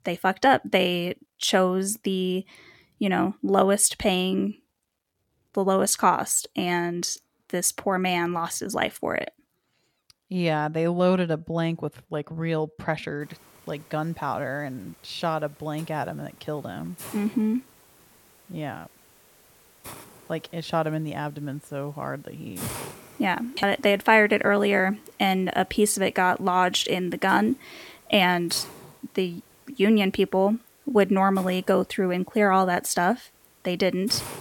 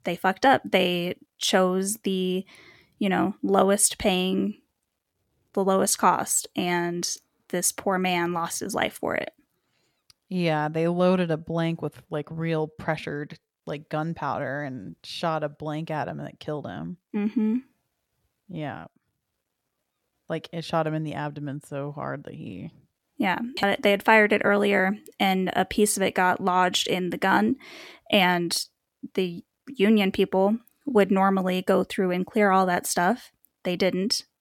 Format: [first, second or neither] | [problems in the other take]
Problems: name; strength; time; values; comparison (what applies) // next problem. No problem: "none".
second | hiss; faint; from 13 s on; 20 dB below the speech